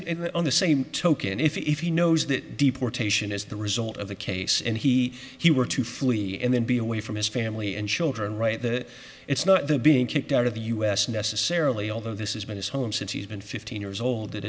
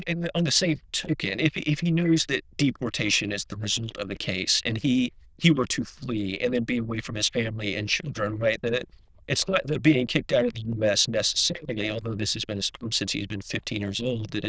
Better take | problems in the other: first | noise reduction (neural diffusion model UNIVERSE++)

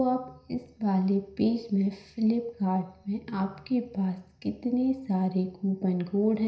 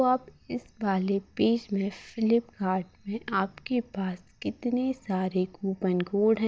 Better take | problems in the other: second | room echo; dies away in 0.5 s

